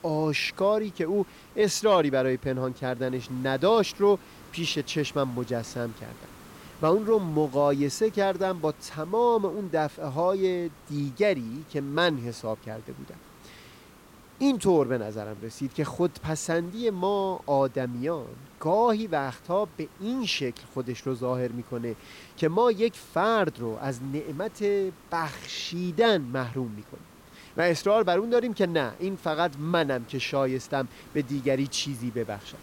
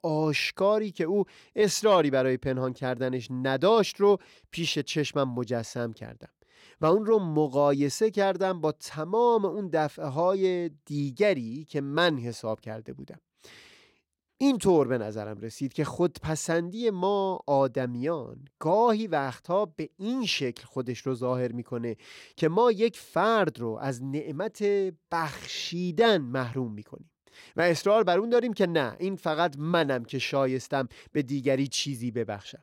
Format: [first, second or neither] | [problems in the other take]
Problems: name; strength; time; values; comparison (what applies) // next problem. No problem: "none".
second | hiss; faint; throughout; 25 dB below the speech